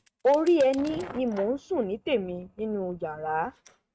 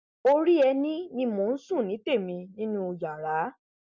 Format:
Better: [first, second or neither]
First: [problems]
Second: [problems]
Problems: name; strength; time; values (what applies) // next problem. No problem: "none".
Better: second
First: noise reduction (neural mask model RNNoise)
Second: none